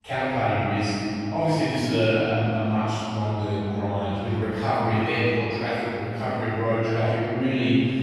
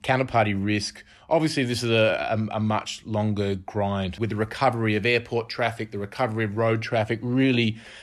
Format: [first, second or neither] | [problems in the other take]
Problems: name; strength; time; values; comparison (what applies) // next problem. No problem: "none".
second | off-mic speech; far // room echo; strong; dies away in 2.9 s